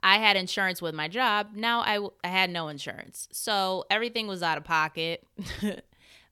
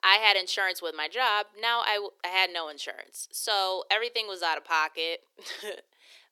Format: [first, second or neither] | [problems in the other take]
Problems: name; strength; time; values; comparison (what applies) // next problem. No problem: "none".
first | thin; very; fading below 350 Hz